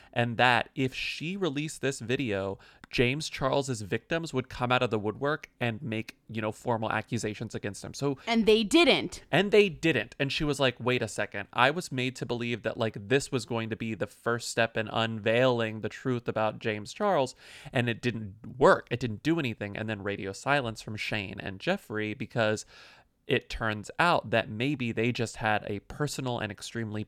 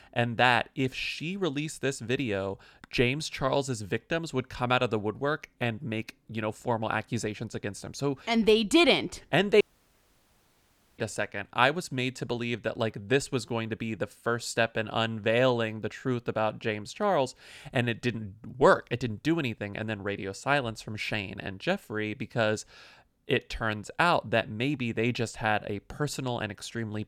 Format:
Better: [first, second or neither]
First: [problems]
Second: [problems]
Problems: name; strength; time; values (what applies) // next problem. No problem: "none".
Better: first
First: none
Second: audio cutting out; at 9.5 s for 1.5 s